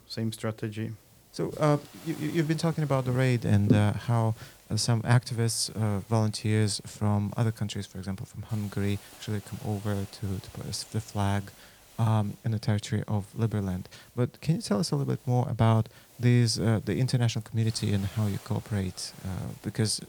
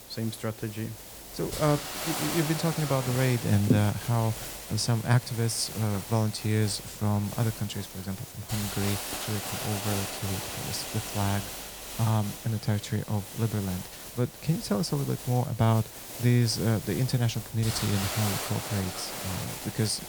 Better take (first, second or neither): first